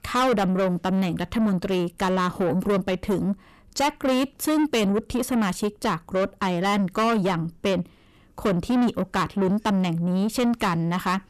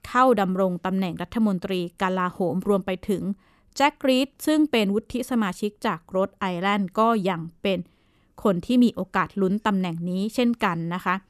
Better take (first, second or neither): second